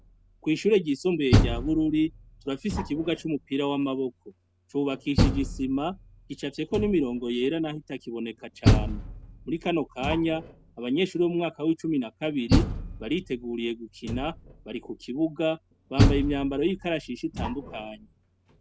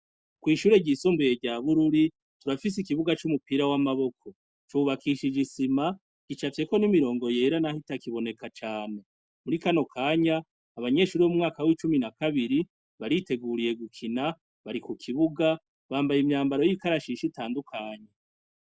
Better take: second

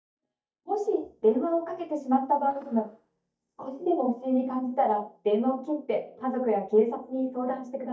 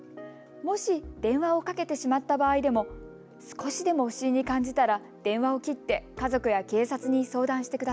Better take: second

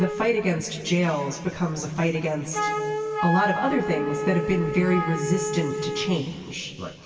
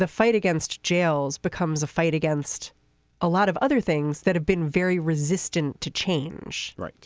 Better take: second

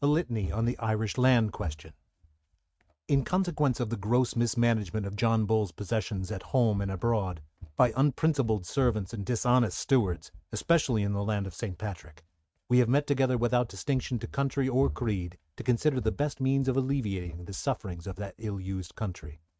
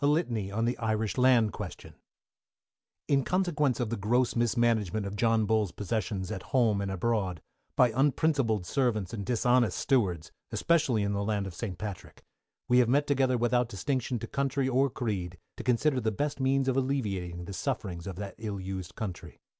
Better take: second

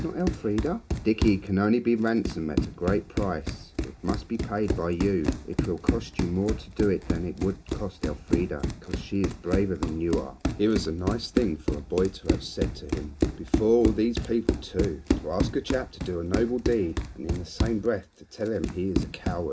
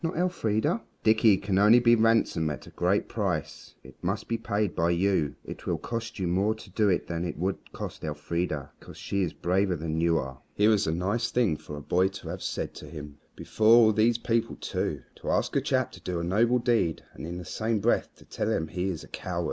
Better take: second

